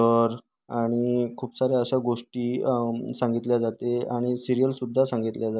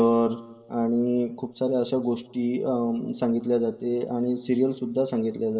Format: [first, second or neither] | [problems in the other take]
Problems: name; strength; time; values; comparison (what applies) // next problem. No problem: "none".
first | room echo; dies away in 1.9 s